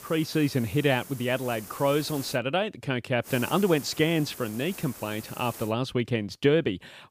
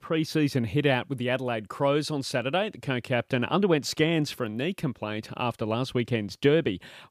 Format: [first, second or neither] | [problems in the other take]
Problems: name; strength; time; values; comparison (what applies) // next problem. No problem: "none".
second | hiss; noticeable; until 2.5 s and from 3.5 to 5.5 s; 15 dB below the speech